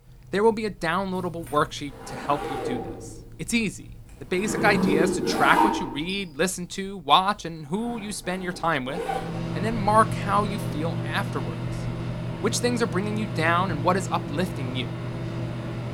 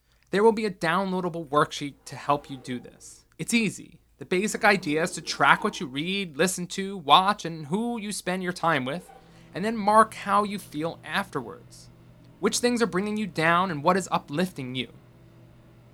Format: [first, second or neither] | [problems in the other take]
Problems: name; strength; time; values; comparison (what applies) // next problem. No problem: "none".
second | household noises; loud; throughout; 3 dB below the speech; faint in the second